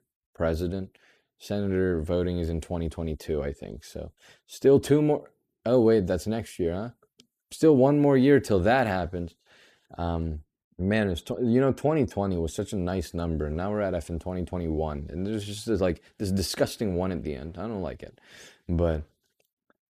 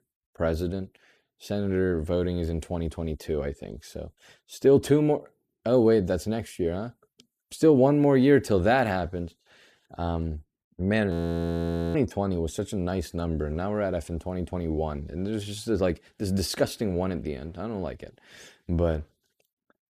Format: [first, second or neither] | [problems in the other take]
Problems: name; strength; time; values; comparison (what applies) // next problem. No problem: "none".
first | audio freezing; at 11 s for 1 s